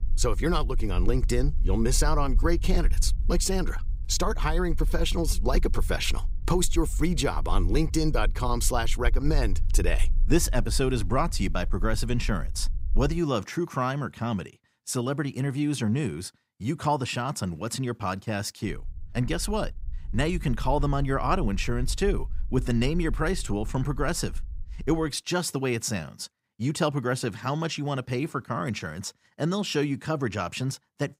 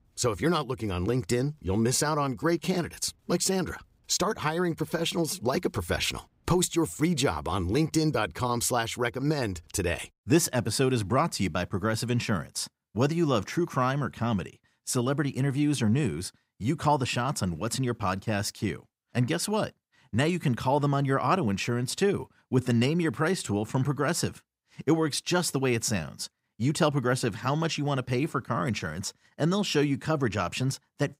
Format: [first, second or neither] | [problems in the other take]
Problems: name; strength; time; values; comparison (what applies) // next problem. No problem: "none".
second | low rumble; faint; until 13 s and from 19 to 25 s; 25 dB below the speech